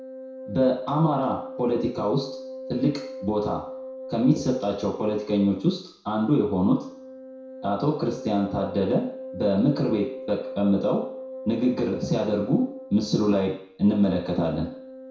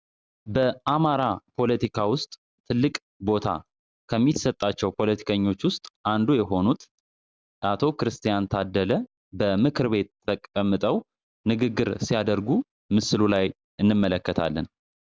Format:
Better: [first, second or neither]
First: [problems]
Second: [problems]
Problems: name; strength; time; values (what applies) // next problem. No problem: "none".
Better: second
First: background sound (Wind instrument, woodwind instrument); 13 dB below the speech // room echo; dies away in 0.6 s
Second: none